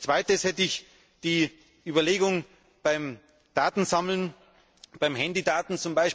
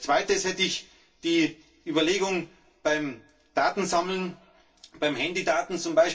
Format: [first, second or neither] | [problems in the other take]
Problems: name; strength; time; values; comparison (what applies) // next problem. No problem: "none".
first | room echo; dies away in 0.2 s